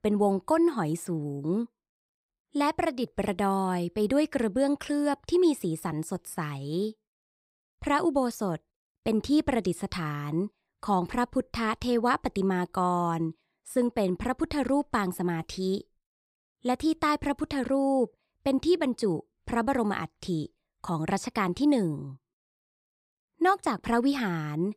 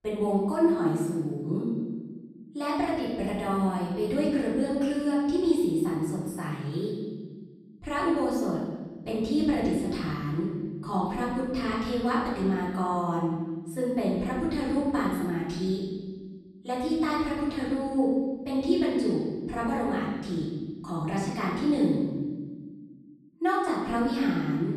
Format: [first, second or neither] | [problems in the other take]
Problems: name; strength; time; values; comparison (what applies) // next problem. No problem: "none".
first | off-mic speech; far // room echo; noticeable; dies away in 1.4 s